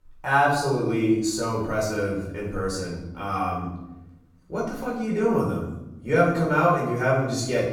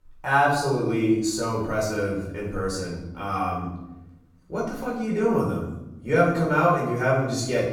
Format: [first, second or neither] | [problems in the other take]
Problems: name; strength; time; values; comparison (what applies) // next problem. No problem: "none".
neither | off-mic speech; far; the same in both // room echo; noticeable; dies away in 0.8 s; the same in both